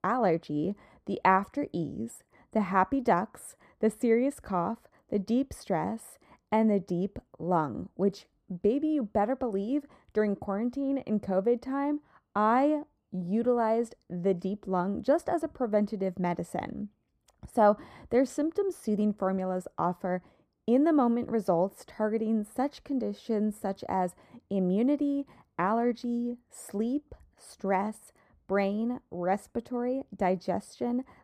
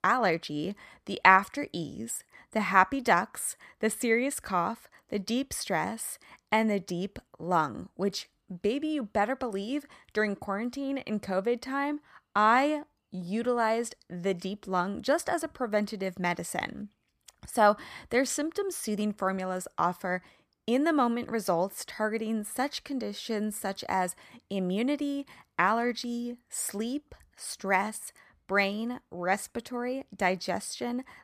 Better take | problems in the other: second | muffled; slightly; fading above 1 kHz

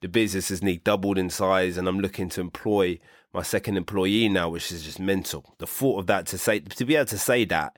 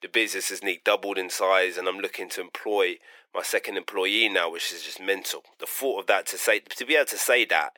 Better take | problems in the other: first | thin; very; fading below 400 Hz

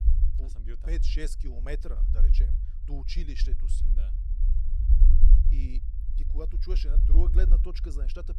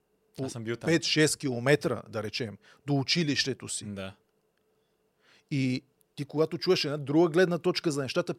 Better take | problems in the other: second | low rumble; loud; throughout; 6 dB below the speech

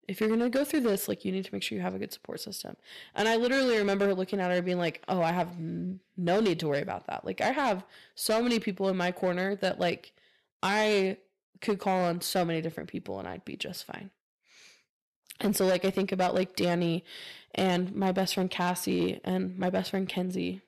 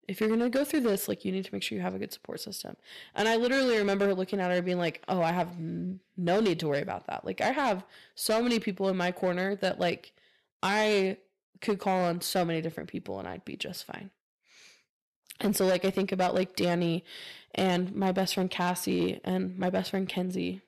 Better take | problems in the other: neither | distortion; slight; 7% of the sound clipped; the same in both

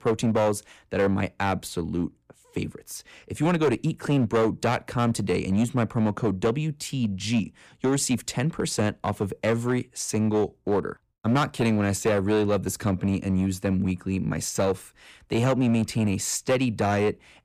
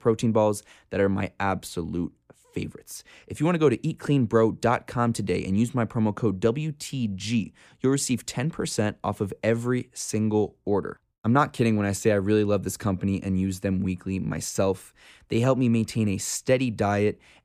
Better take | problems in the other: second | distortion; slight; 7% of the sound clipped

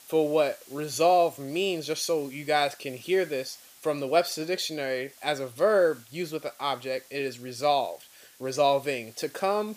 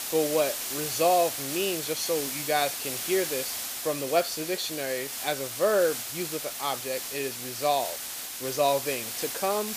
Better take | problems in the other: first | hiss; loud; throughout; 3 dB below the speech; faint in the first

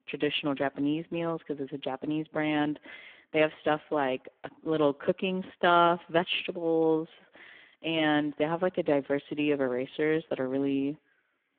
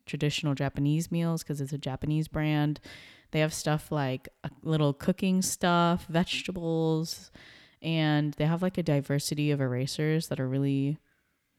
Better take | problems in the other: second | phone-call audio; poor line

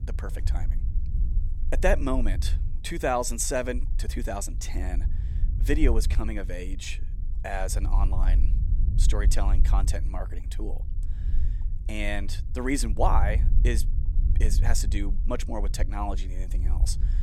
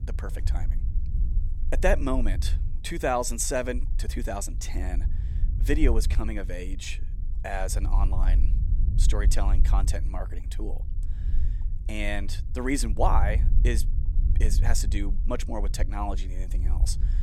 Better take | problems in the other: neither | low rumble; noticeable; throughout; 15 dB below the speech; the same in both

